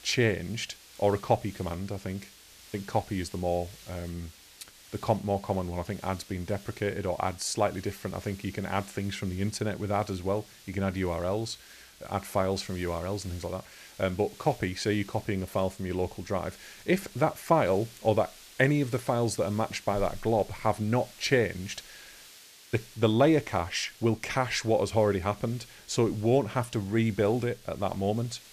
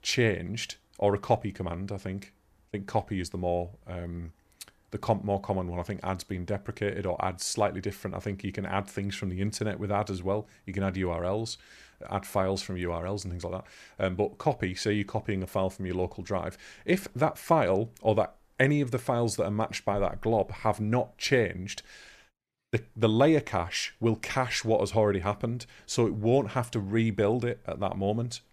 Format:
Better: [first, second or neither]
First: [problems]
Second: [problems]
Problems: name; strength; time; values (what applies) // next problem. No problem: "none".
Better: second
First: hiss; faint; throughout; 20 dB below the speech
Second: none